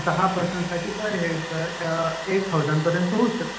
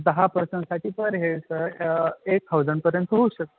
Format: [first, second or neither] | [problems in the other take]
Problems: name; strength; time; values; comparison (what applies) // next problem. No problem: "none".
second | background sound (Domestic sounds, home sounds); 10 dB below the speech // room echo; dies away in 0.9 s